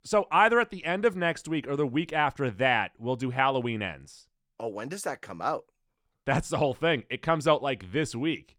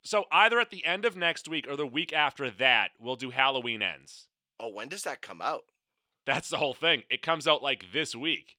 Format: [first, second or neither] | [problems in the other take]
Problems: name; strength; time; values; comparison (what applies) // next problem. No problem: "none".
first | thin; very slightly; fading below 450 Hz